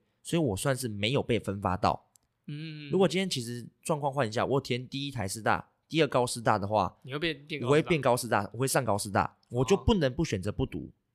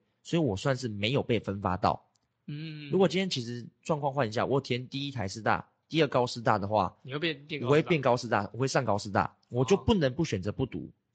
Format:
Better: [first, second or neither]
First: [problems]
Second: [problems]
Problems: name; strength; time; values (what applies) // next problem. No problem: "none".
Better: first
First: none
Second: garbled, watery; slightly; nothing above 7.5 kHz